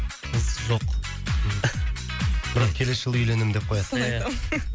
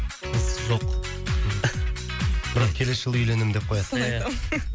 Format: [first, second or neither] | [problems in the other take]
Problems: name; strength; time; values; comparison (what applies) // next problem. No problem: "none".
first | background sound (Acoustic guitar); 19 dB below the speech